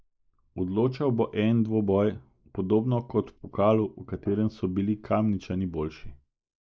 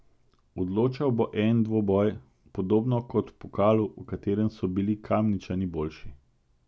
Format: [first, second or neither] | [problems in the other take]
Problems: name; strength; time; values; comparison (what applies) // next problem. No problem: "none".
second | noise reduction (neural mask model Resemble Enhance denoiser)